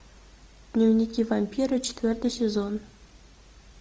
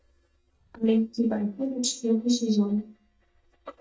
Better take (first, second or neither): first